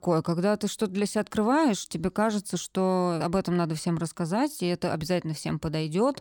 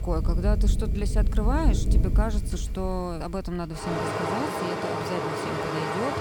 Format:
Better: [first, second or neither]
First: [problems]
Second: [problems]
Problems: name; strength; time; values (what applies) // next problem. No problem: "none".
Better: first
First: none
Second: rain or running water; very loud; throughout; 5 dB above the speech